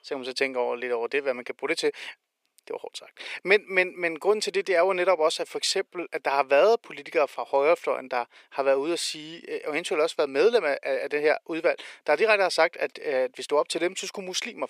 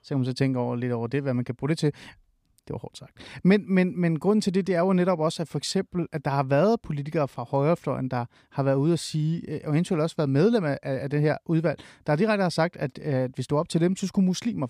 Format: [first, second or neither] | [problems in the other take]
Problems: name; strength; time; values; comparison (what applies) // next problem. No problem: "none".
second | thin; very; fading below 450 Hz